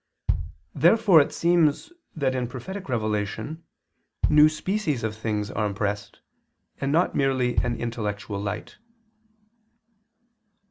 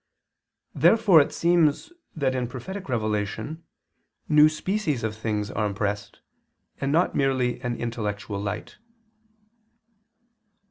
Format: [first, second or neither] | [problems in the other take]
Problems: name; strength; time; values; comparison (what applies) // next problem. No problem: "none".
second | background sound (Bass drum); 7 dB below the speech